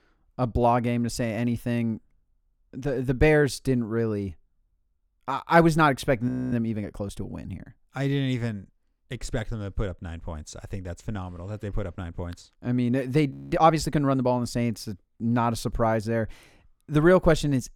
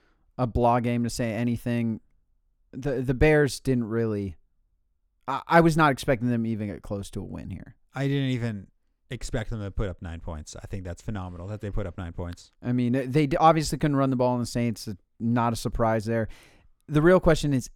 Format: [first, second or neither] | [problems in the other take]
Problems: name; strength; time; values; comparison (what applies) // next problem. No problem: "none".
second | audio freezing; at 6.5 s and at 13 s